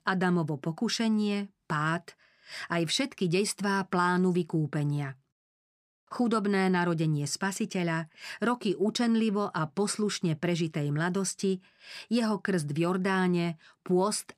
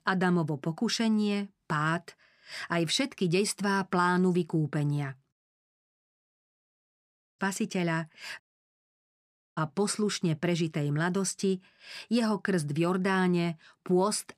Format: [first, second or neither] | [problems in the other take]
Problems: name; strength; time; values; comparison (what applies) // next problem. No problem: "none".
first | audio cutting out; at 6 s for 1.5 s and at 8.5 s for 1 s